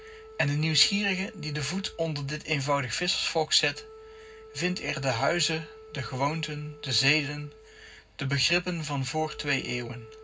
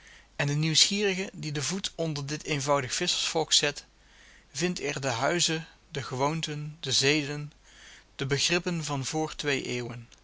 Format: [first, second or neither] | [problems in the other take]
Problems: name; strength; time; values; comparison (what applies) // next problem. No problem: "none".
second | background sound (Wind instrument, woodwind instrument); 20 dB below the speech // room echo; dies away in 0.4 s